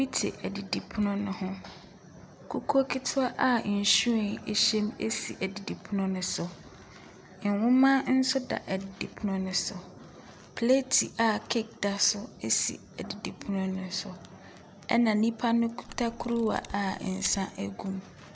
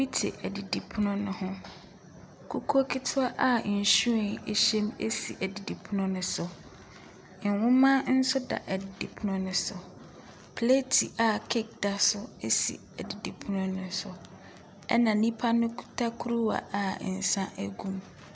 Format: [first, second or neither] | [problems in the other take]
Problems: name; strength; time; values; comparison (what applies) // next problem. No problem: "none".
second | background sound (Camera); 17 dB below the speech